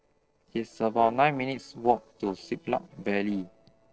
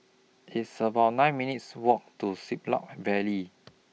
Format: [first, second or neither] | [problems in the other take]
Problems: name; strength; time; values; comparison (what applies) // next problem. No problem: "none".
second | noise reduction (neural separator model SepFormer DNS4)